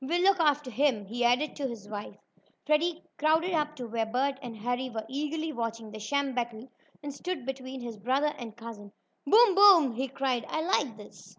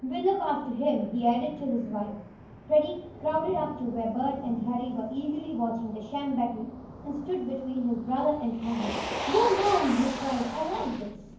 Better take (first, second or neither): first